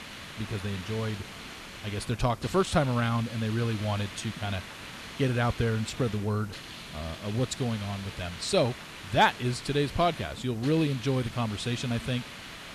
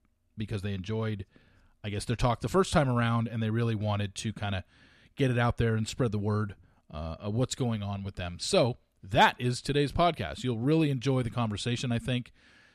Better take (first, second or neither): second